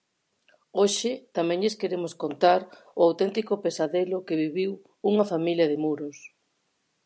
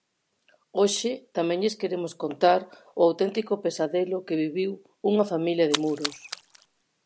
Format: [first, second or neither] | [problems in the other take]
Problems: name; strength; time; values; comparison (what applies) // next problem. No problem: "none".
first | background sound (Splash, splatter); 8 dB below the speech